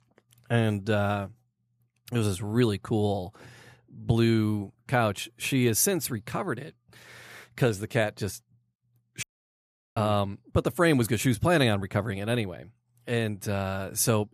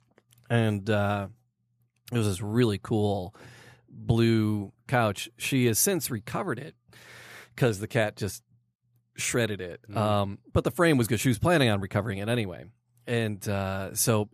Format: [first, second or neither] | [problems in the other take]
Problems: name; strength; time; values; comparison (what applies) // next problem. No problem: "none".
second | audio cutting out; at 9 s for 0.5 s